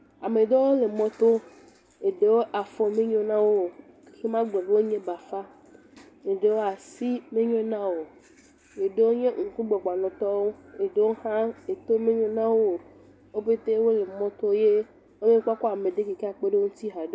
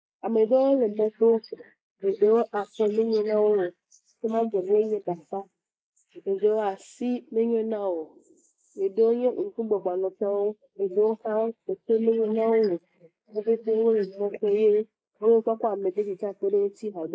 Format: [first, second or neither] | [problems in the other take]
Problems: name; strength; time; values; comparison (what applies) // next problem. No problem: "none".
first | noise reduction (neural mask model Resemble Enhance denoiser)